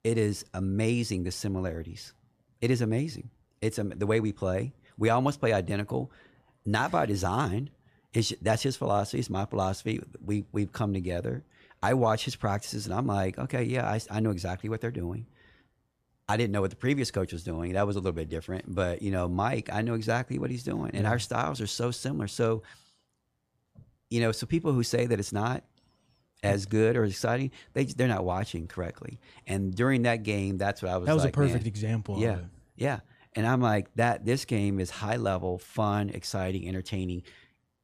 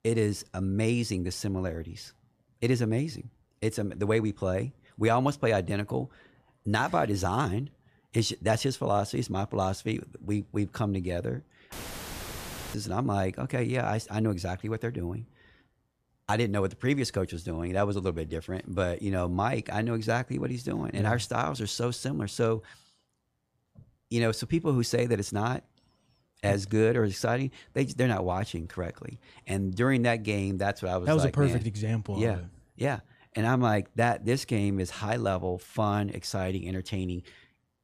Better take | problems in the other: first | audio cutting out; filled with static; at 12 s for 1 s

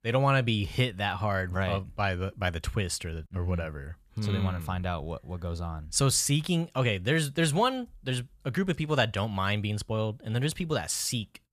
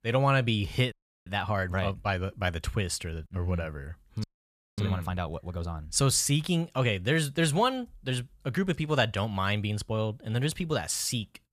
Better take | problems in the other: first | audio freezing; at 1 s and at 4 s for 0.5 s

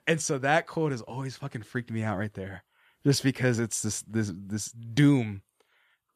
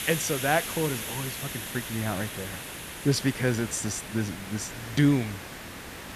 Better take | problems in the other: first | hiss; loud; throughout; 7 dB below the speech

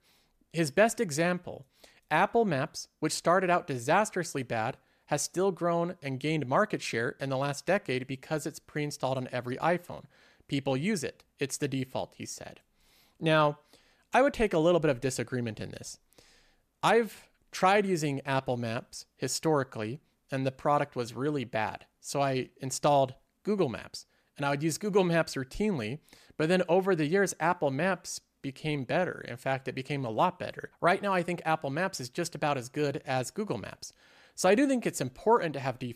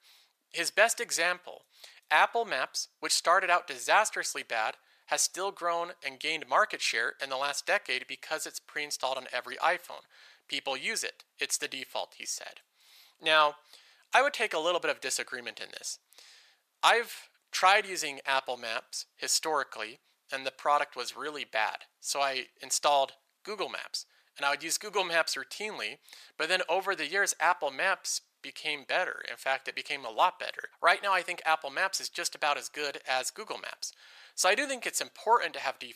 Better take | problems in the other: first | thin; very; fading below 900 Hz

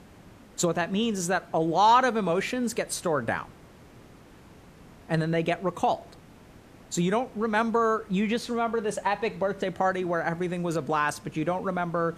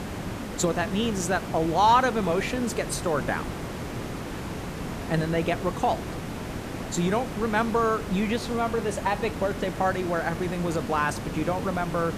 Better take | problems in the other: first | hiss; loud; throughout; 8 dB below the speech; faint in the first

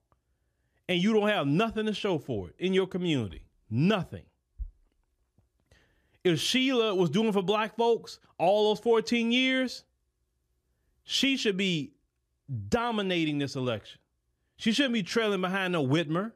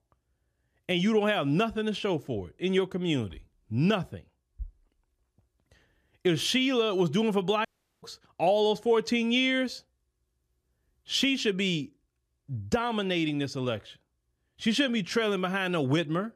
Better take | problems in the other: first | audio cutting out; at 7.5 s

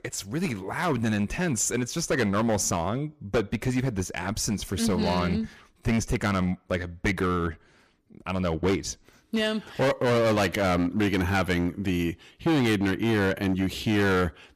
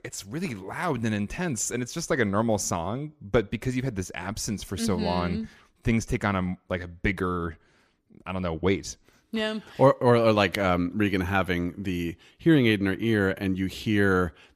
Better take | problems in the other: second | distortion; heavy; 11% of the sound clipped

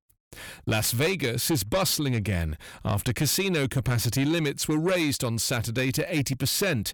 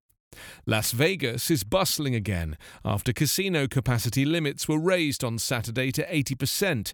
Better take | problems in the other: second | distortion; slight; 10 dB below the speech

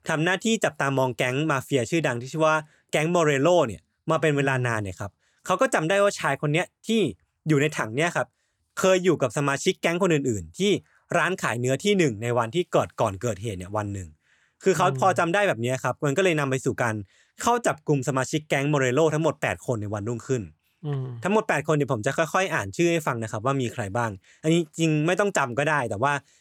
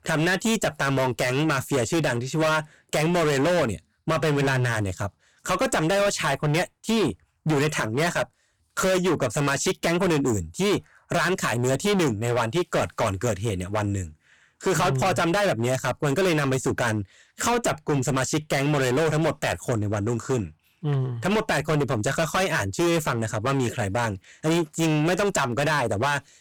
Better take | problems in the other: first | distortion; heavy; 20% of the sound clipped

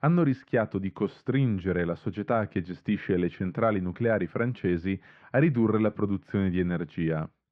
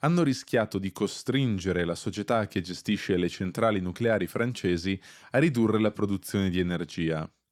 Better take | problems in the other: second | muffled; very; fading above 2 kHz

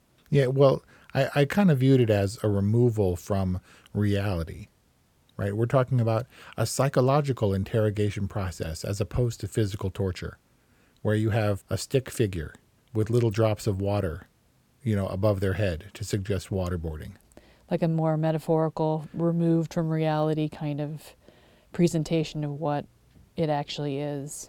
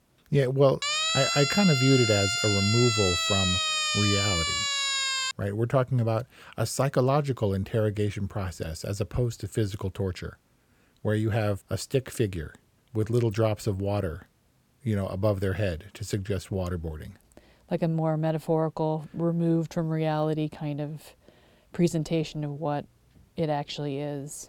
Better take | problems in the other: first | siren; loud; from 1 to 5.5 s; peak 4 dB above the speech

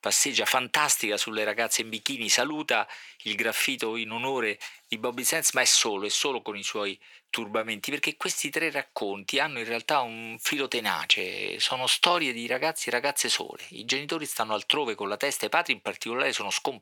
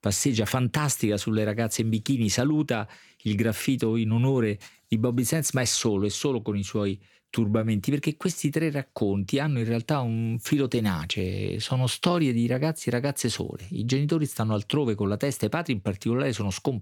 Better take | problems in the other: second | thin; very; fading below 600 Hz

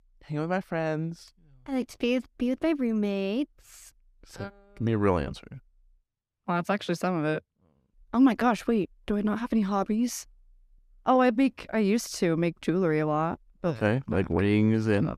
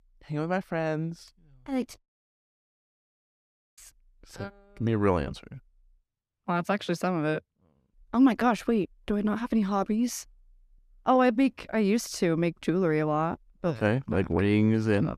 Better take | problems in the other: first | audio cutting out; at 2 s for 2 s

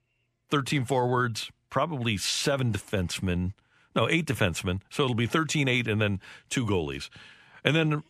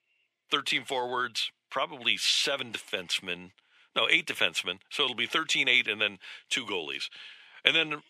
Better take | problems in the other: first | thin; somewhat; fading below 400 Hz

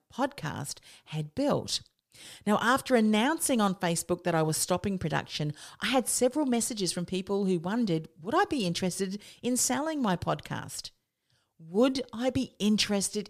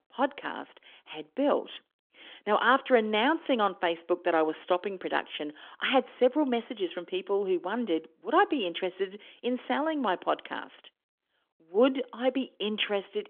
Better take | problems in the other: first | phone-call audio; nothing above 3.5 kHz

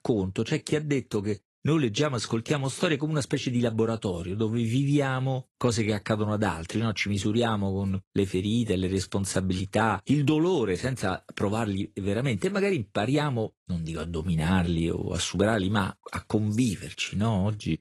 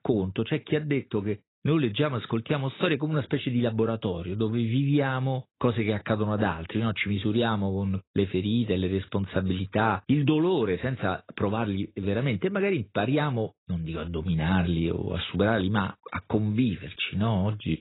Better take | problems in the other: first | garbled, watery; badly; nothing above 4 kHz; slightly in the first

